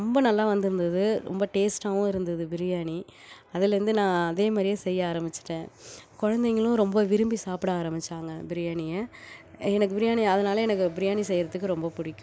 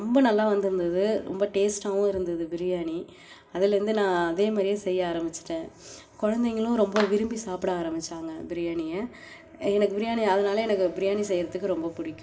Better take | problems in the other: first | background sound (Clapping); 11 dB below the speech // room echo; dies away in 0.6 s

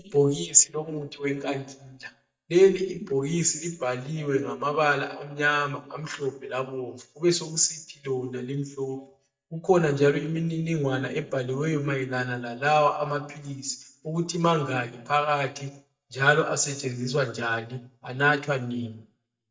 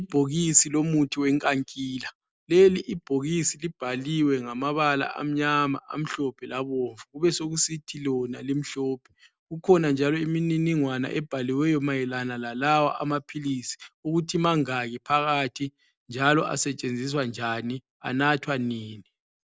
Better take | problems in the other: second | noise reduction (neural mask model DeepFilterNet 3)

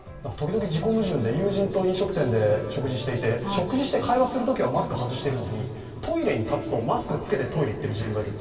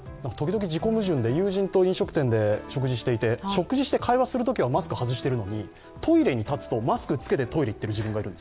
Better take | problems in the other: second | room echo; dies away in 2.6 s

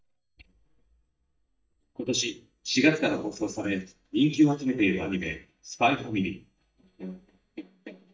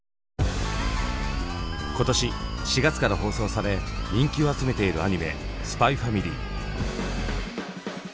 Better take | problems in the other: second | noise reduction (neural mask model DeepFilterNet 3)

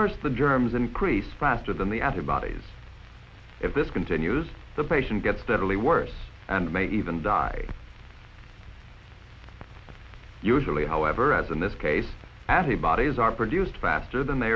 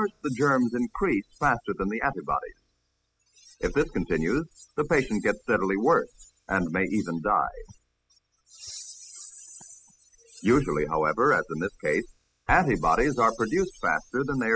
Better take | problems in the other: first | noise reduction (classical method spectral subtraction)

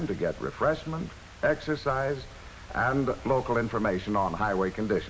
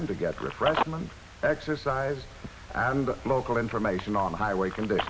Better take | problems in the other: first | background sound (Telephone); 10 dB below the speech

